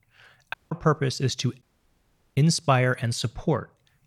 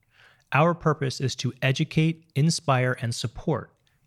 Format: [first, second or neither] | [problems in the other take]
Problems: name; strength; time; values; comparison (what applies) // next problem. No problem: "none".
second | audio cutting out; at 0.5 s and at 1.5 s for 0.5 s